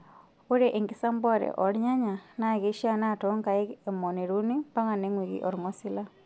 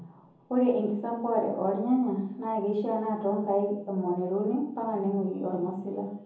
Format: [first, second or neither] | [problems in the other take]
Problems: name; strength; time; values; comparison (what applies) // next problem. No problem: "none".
first | room echo; dies away in 0.7 s